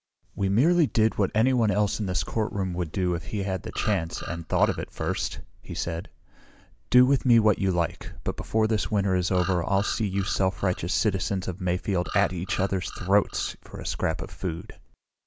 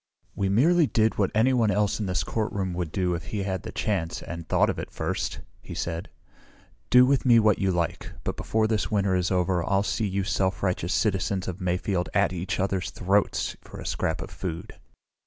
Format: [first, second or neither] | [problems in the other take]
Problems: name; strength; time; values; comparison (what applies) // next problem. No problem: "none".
second | background sound (Bird vocalization, bird call, bird song); 15 dB below the speech